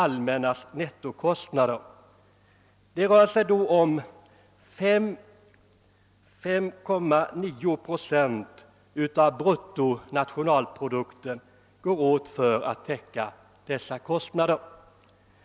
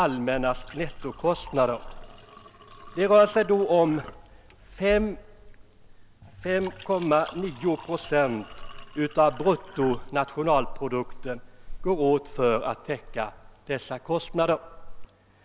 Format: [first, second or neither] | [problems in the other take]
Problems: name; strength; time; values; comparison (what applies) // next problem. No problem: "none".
first | background sound (Chink, clink); 13 dB below the speech